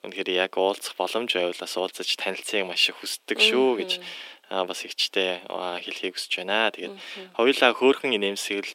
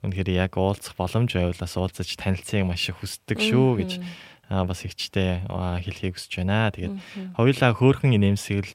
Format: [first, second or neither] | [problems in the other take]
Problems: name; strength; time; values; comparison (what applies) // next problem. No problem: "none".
second | thin; somewhat; fading below 300 Hz